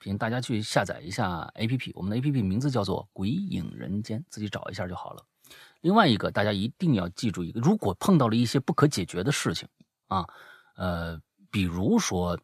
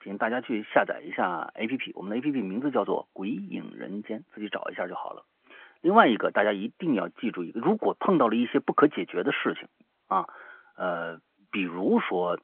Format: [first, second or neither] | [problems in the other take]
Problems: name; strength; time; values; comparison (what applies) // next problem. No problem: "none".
first | phone-call audio